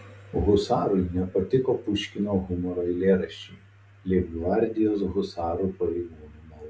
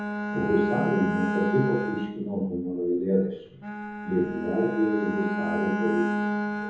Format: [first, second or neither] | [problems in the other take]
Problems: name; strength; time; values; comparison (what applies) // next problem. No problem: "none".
first | background sound (Bowed string instrument); 2 dB below the speech // room echo; dies away in 0.7 s